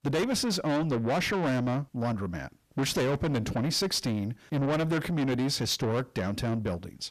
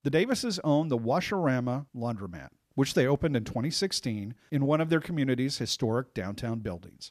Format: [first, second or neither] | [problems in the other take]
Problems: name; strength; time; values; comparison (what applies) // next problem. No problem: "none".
second | distortion; heavy; 6 dB below the speech